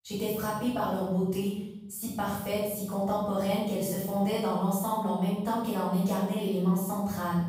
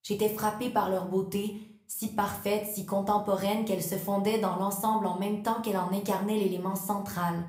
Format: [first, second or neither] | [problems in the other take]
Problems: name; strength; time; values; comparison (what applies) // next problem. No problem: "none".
second | room echo; strong; dies away in 0.9 s; slight in the second // off-mic speech; far; somewhat distant in the second